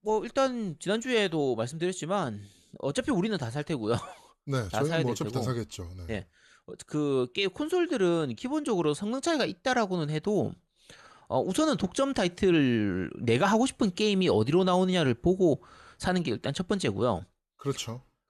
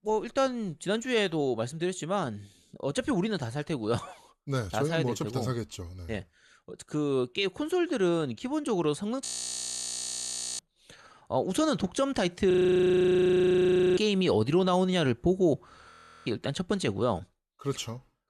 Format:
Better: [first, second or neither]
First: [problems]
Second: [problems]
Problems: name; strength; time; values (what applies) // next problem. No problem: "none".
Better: first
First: none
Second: audio freezing; at 9.5 s for 1.5 s, at 13 s for 1.5 s and at 16 s